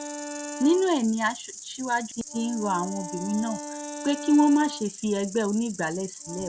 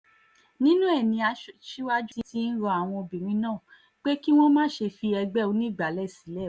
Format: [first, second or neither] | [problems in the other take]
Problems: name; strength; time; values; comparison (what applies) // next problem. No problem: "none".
second | background sound (Wind instrument, woodwind instrument + Insect); 11 dB below the speech